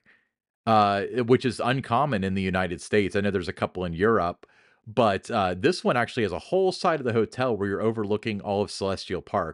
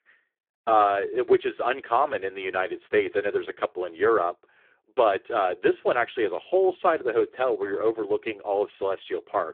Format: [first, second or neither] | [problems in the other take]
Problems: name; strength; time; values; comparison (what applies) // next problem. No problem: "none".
first | phone-call audio; poor line